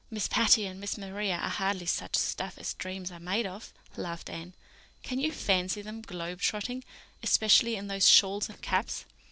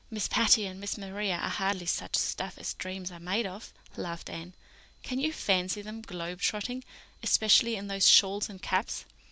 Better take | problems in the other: second | noise reduction (neural separator model SepFormer DNS4)

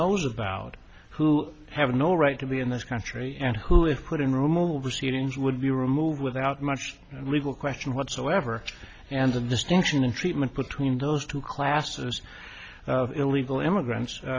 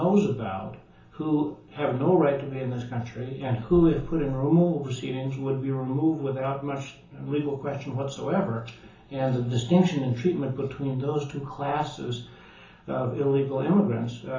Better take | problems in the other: first | room echo; dies away in 0.6 s

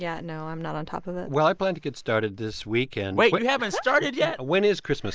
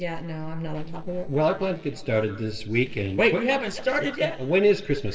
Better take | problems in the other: first | noise reduction (neural separator model SepFormer DNS4)

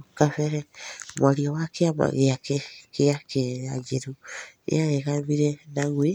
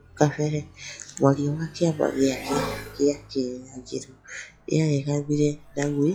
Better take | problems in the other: first | noise reduction (classical method log-MMSE)

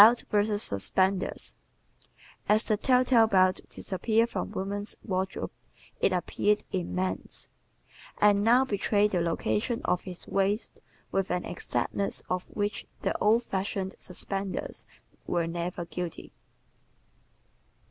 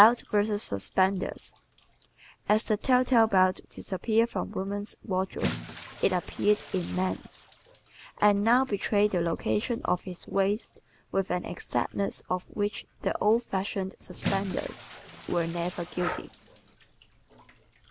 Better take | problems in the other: first | background sound (Bathtub (filling or washing) / Splash, splatter + Breathing); 15 dB below the speech

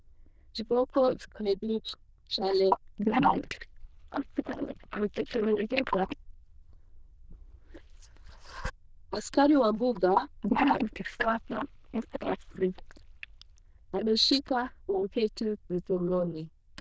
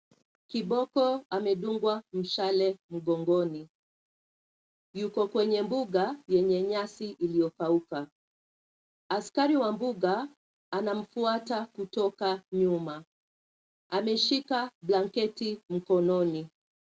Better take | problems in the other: second | noise reduction (neural diffusion model UNIVERSE++)

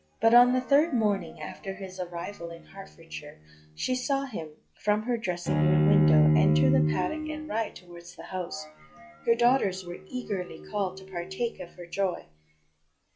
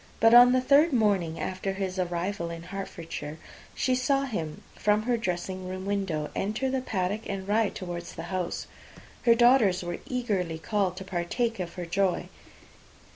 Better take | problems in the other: second | noise reduction (classical method log-MMSE)

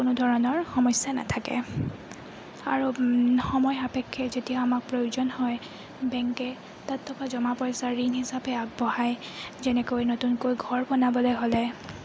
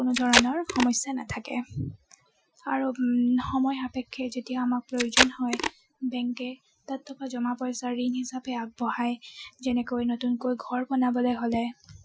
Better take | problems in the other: first | noise reduction (classical method Wiener filter)

